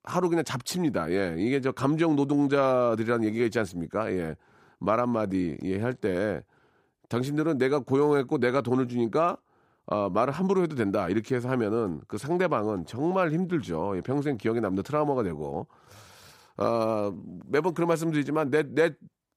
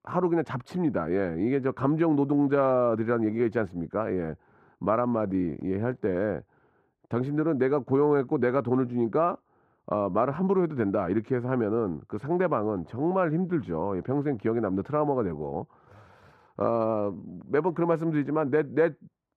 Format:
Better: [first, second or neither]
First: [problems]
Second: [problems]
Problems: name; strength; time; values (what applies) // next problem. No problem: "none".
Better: first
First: none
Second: muffled; very; fading above 3 kHz